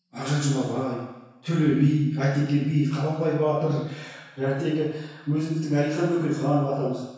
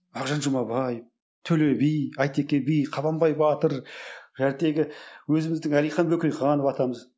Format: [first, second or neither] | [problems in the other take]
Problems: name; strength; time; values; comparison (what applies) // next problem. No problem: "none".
second | room echo; dies away in 1.1 s